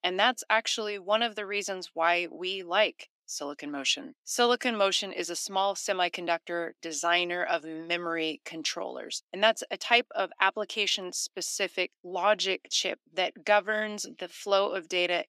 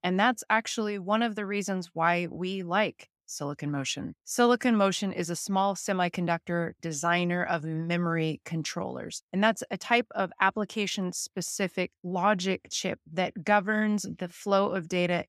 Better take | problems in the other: second | thin; somewhat; fading below 300 Hz

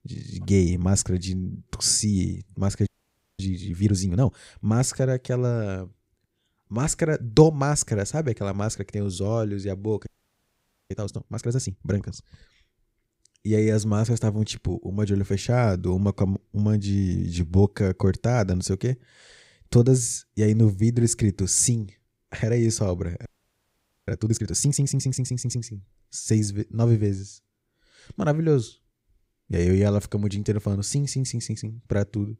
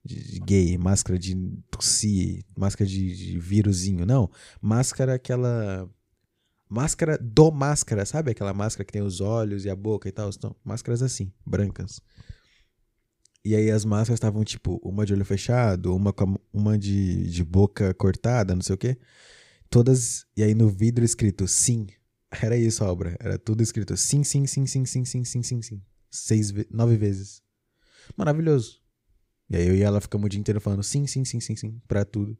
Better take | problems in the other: second | audio freezing; at 3 s for 0.5 s, at 10 s for 1 s and at 23 s for 1 s

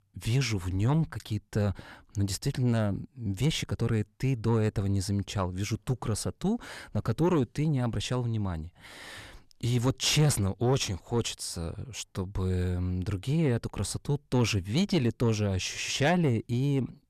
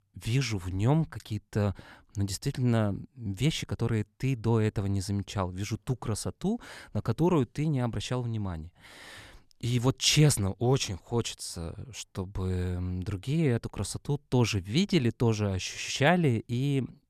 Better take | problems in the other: second | distortion; slight; 10 dB below the speech

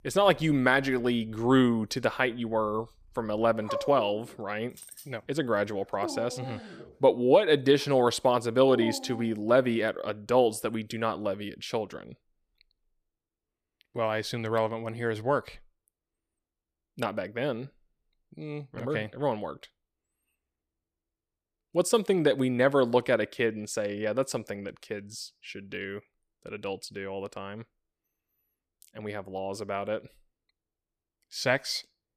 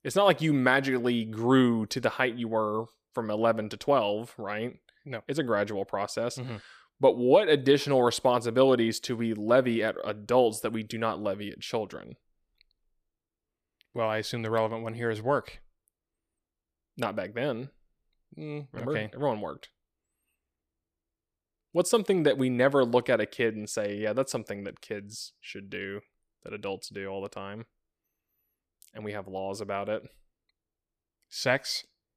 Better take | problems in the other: second | animal sounds; noticeable; until 9 s; 10 dB below the speech

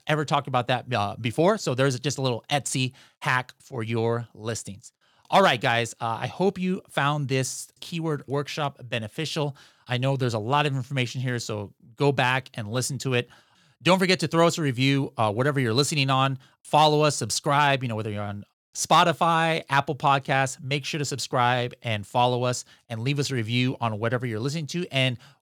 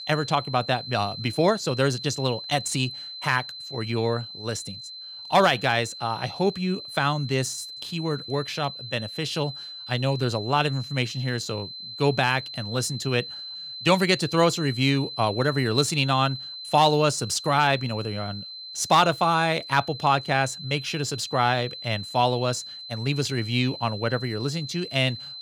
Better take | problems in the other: first | high-pitched whine; noticeable; throughout; 4 kHz, 10 dB below the speech

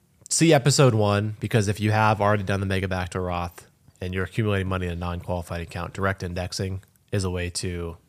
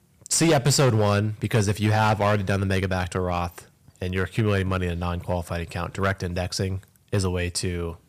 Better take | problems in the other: first | distortion; slight; 5% of the sound clipped

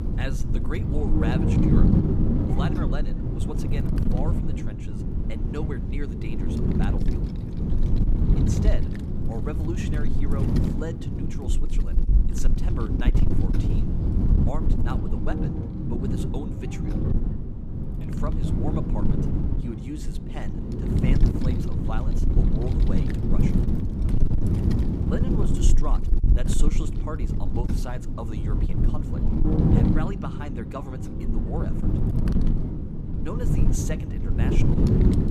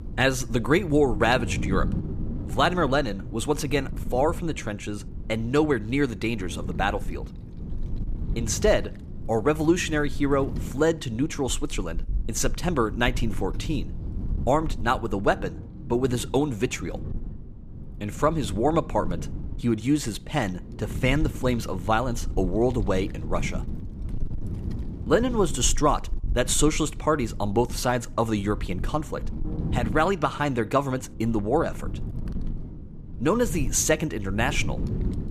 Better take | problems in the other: second | wind noise on the microphone; heavy; 3 dB above the speech; occasional gusts in the second

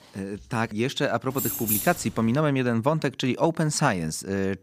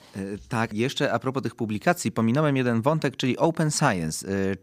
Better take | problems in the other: second | jangling keys; loud; at 1.5 s; peak 1 dB above the speech

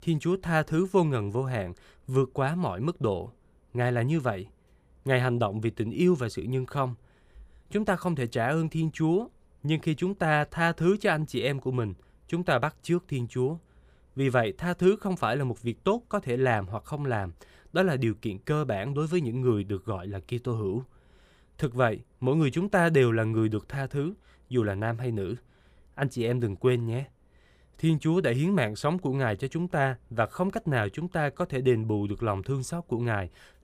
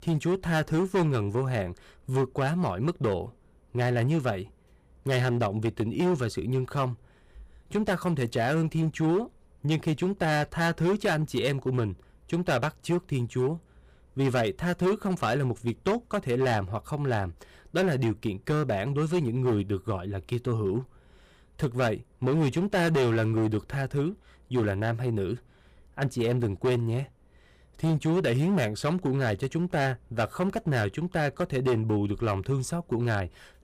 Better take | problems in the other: first | distortion; slight; 9% of the sound clipped

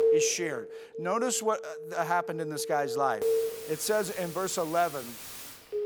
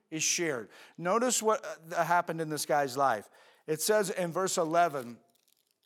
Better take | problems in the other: second | alarms or sirens; loud; throughout; 4 dB below the speech

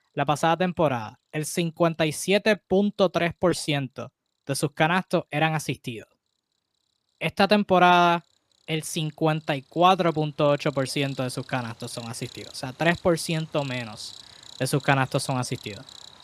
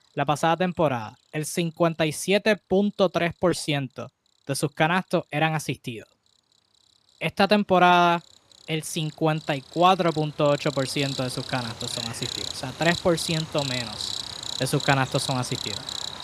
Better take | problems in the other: first | animal sounds; loud; throughout; 8 dB below the speech; faint in the first

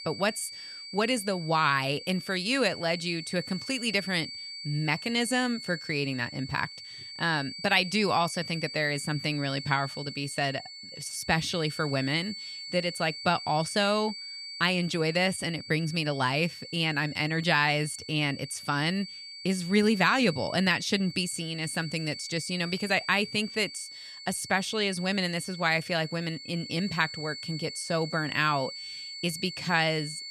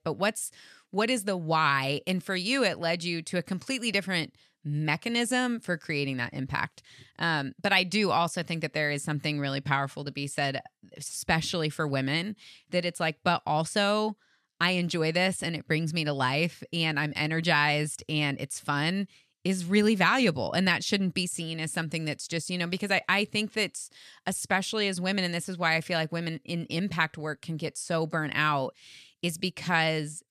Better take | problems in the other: second | high-pitched whine; noticeable; throughout; 4.5 kHz, 10 dB below the speech

